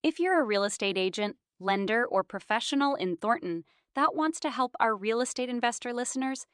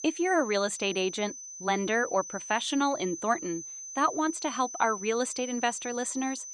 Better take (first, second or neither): first